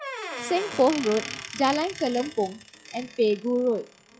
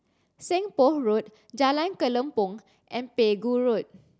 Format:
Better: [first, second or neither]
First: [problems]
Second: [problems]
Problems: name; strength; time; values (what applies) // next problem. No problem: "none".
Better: second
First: noise reduction (classical method log-MMSE)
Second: none